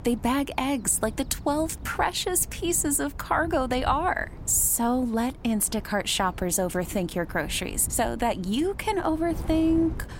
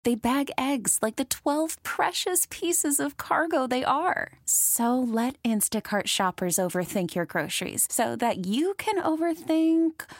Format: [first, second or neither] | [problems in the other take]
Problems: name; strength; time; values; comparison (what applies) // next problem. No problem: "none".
second | wind noise on the microphone; occasional gusts; 20 dB below the speech